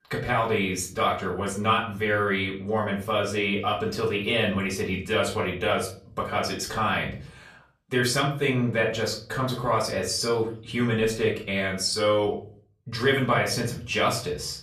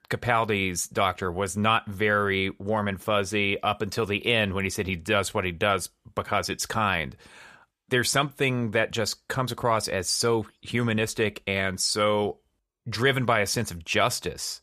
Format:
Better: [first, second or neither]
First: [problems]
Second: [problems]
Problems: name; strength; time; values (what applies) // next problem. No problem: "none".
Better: second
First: room echo; slight; dies away in 0.4 s // off-mic speech; far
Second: none